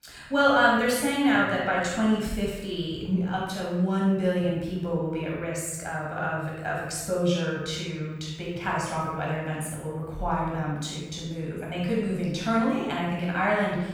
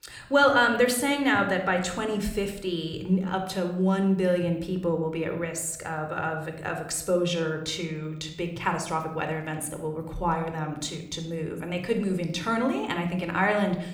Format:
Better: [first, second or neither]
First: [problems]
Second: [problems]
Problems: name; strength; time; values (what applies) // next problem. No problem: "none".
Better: second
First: room echo; strong; dies away in 1 s // off-mic speech; far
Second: room echo; slight; dies away in 0.6 s